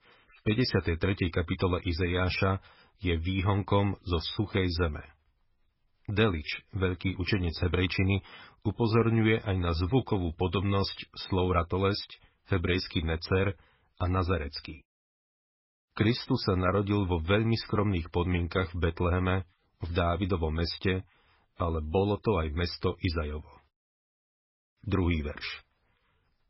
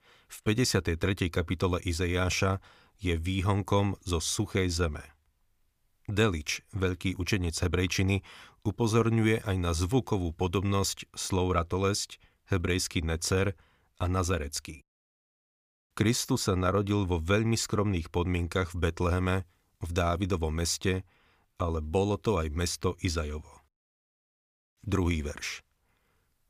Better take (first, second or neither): second